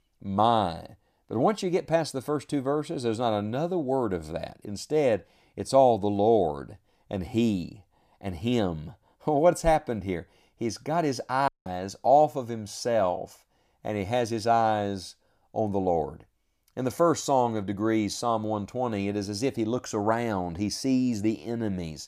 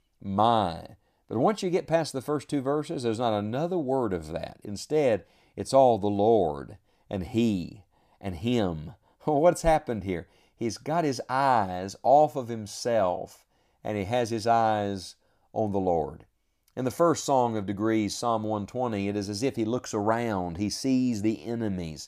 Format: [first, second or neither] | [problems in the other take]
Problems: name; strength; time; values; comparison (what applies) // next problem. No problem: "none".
second | audio cutting out; at 11 s